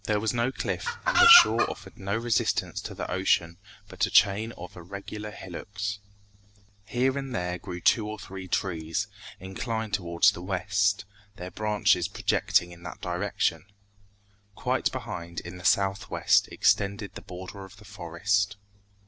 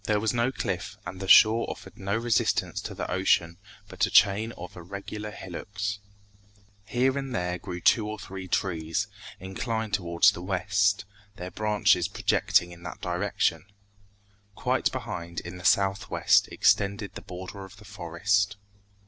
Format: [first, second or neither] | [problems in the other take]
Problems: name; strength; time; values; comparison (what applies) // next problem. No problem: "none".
second | background sound (Chicken, rooster); 5 dB above the speech